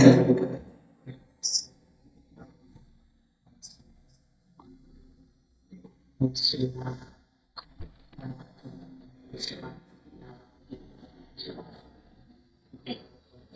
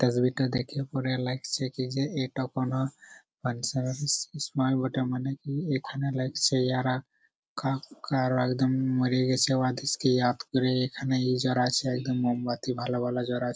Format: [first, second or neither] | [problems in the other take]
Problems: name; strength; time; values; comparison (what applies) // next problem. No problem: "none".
second | noise reduction (neural mask model DeepFilterNet 3)